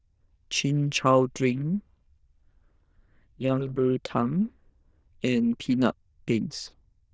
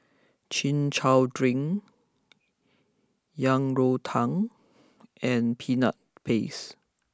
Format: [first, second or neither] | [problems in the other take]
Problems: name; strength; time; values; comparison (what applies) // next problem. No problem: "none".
second | noise reduction (neural diffusion model UNIVERSE++)